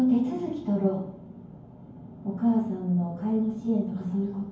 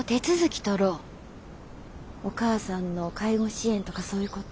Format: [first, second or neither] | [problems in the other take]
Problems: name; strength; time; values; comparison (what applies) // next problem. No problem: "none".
second | room echo; dies away in 0.9 s